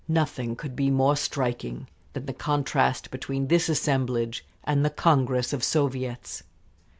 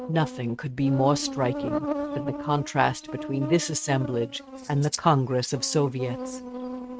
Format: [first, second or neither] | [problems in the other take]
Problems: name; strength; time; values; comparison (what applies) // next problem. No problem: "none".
first | noise reduction (neural mask model RNNoise)